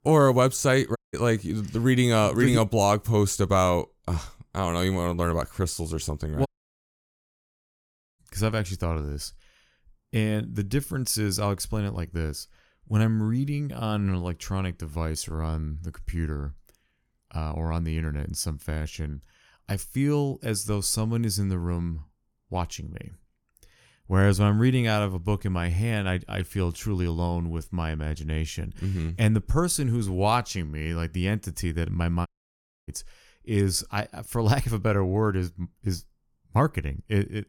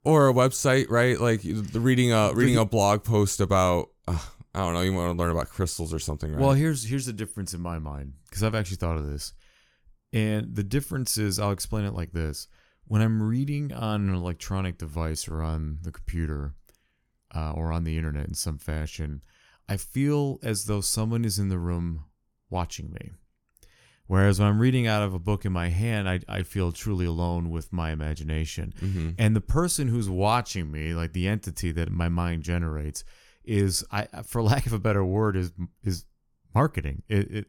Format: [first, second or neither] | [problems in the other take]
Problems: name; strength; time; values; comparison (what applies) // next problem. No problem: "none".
second | audio cutting out; at 1 s, at 6.5 s for 1.5 s and at 32 s for 0.5 s